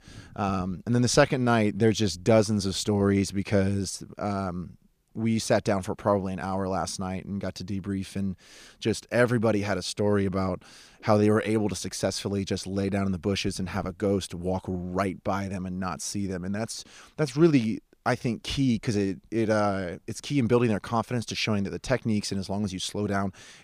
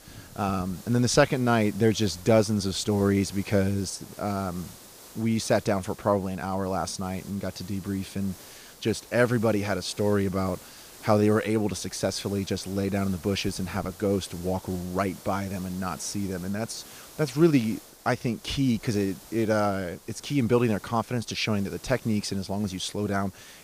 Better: first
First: none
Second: hiss; noticeable; throughout; 20 dB below the speech

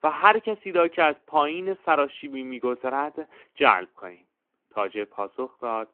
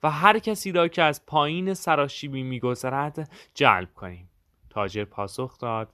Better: second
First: phone-call audio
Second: none

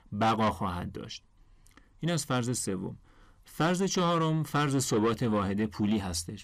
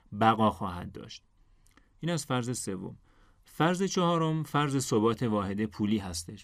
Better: second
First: distortion; slight; 10 dB below the speech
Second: none

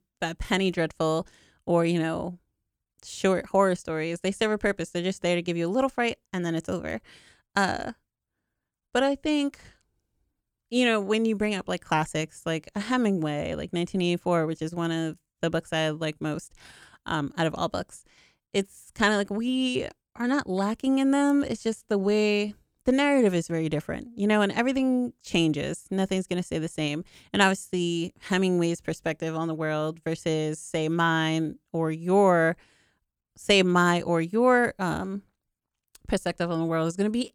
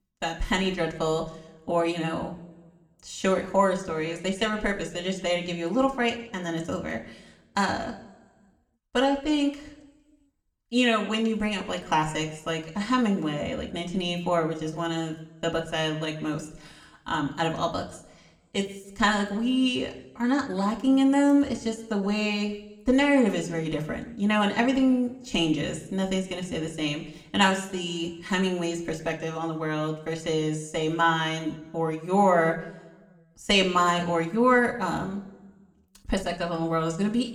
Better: first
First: none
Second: room echo; very slight; dies away in 0.7 s // off-mic speech; somewhat distant

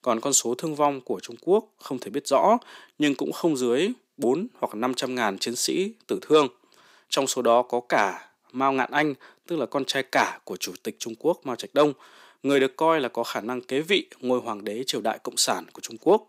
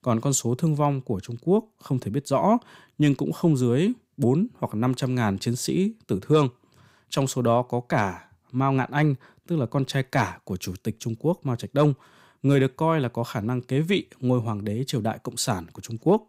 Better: second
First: thin; somewhat; fading below 300 Hz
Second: none

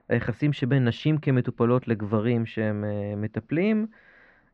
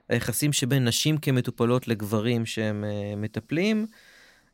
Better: second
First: muffled; very; fading above 2 kHz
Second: none

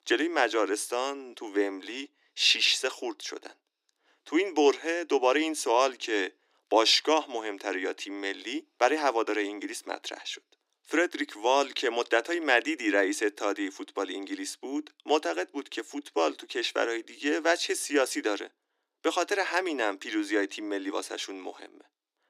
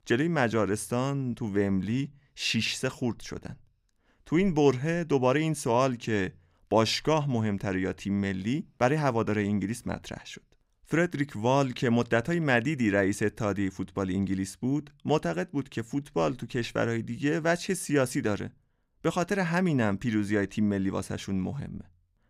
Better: second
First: thin; somewhat; fading below 300 Hz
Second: none

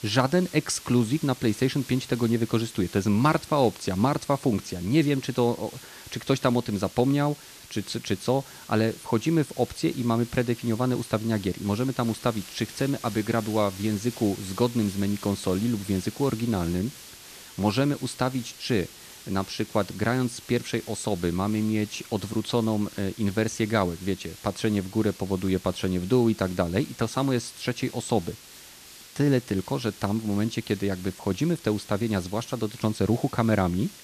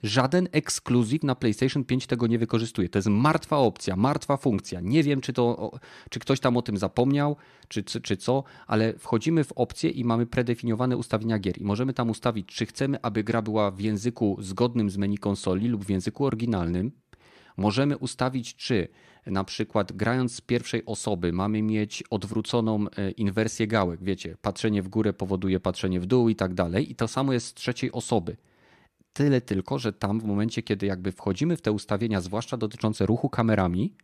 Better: second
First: hiss; noticeable; throughout; 15 dB below the speech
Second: none

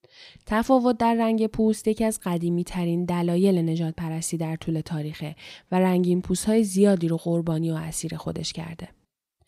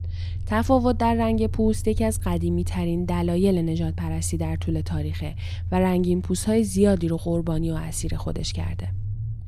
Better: first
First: none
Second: low rumble; faint; throughout; 20 dB below the speech

